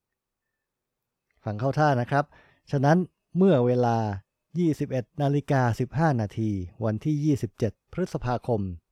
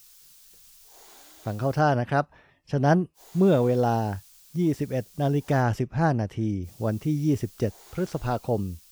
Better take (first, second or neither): first